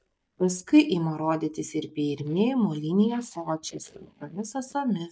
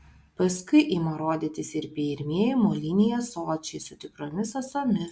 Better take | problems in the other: second | noise reduction (neural mask model DeepFilterNet 3)

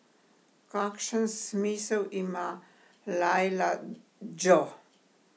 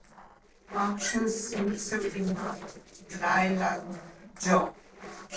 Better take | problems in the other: first | noise reduction (neural separator model SepFormer DNS4)

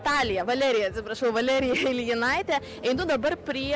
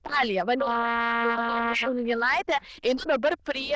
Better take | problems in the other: first | noise reduction (neural diffusion model UNIVERSE++)

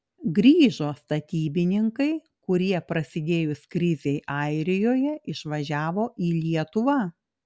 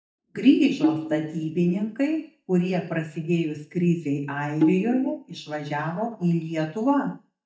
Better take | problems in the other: first | noise reduction (neural mask model DeepFilterNet 3)

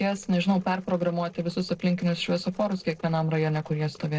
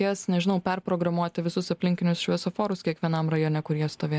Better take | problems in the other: second | noise reduction (neural separator model SepFormer DNS4)

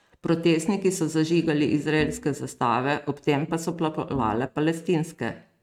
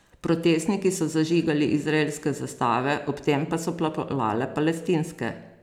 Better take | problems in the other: second | noise reduction (neural mask model RNNoise)

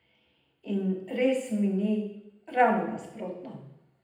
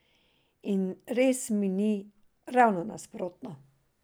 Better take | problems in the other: second | room echo; dies away in 0.8 s

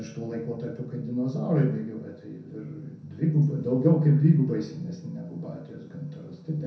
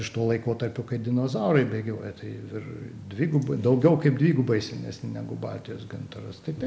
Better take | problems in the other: second | room echo; dies away in 0.5 s

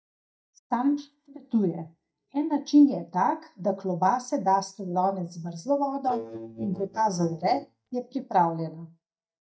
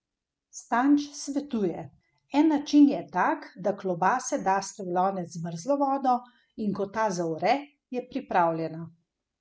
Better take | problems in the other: second | noise reduction (neural mask model DeepFilterNet 3)

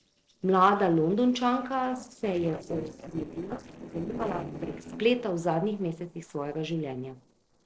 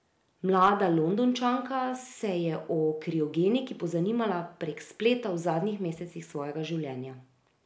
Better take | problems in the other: second | noise reduction (neural separator model SepFormer DNS4)

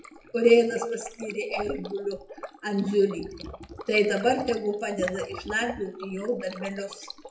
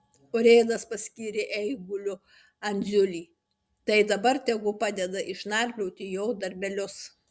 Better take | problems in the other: second | noise reduction (classical method WPE with log-MMSE)

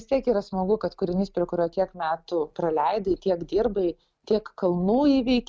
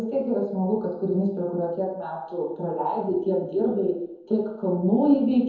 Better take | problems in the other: first | room echo; dies away in 0.9 s

